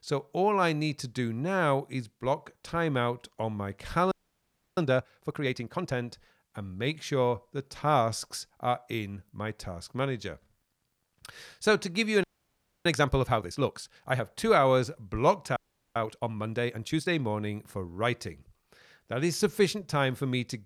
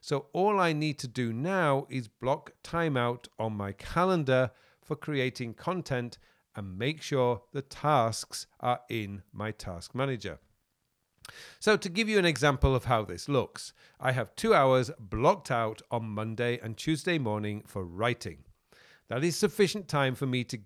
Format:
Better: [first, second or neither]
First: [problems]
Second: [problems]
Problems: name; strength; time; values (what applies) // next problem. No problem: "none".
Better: second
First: audio freezing; at 4 s for 0.5 s, at 12 s for 0.5 s and at 16 s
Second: none